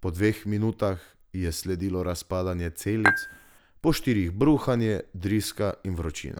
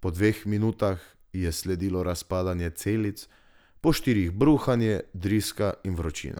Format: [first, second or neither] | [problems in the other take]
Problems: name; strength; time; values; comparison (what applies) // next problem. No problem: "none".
second | background sound (Dishes, pots, and pans / Chink, clink); 1 dB above the speech